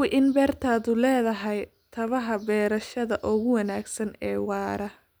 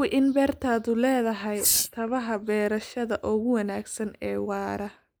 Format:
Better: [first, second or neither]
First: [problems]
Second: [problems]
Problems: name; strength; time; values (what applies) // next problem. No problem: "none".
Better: first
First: none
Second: noise reduction (neural mask model Resemble Enhance denoiser)